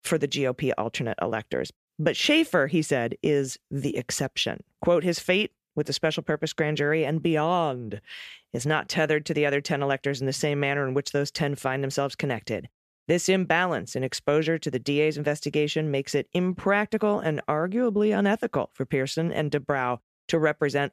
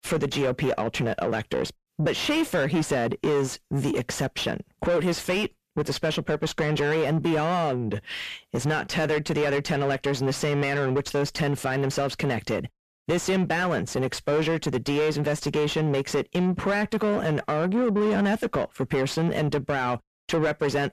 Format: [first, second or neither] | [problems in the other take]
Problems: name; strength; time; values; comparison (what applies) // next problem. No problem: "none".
first | distortion; heavy; 7 dB below the speech